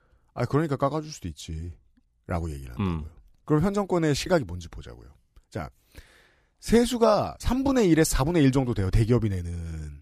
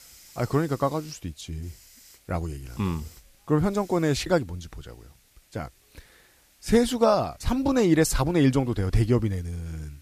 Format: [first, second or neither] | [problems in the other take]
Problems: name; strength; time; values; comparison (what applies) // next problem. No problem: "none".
first | hiss; faint; throughout; 30 dB below the speech